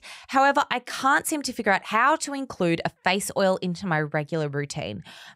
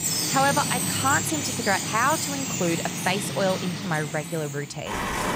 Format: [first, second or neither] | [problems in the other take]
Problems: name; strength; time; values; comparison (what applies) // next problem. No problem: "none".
first | animal sounds; loud; throughout; 1 dB below the speech